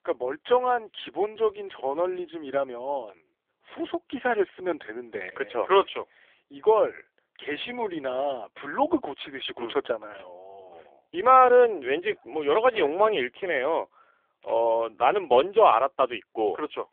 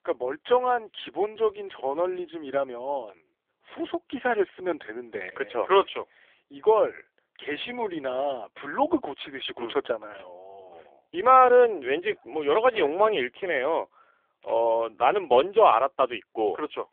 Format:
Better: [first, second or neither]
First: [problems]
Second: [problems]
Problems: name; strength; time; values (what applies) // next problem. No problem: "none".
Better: neither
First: phone-call audio; poor line; nothing above 3.5 kHz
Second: phone-call audio; poor line; nothing above 3.5 kHz